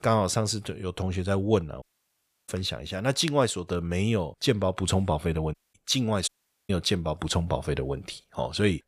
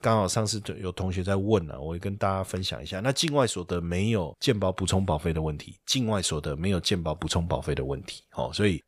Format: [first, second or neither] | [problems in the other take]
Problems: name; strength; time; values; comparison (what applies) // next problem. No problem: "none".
second | audio cutting out; at 2 s for 0.5 s, at 5.5 s and at 6.5 s